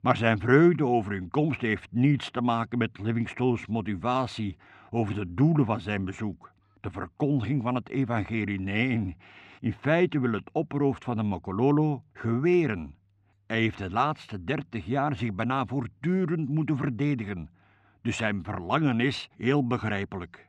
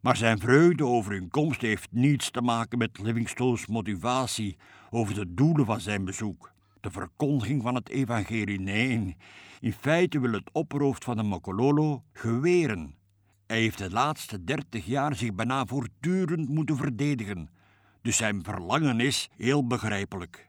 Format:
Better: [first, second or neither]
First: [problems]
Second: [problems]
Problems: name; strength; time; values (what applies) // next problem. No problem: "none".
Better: second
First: muffled; slightly; fading above 3 kHz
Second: none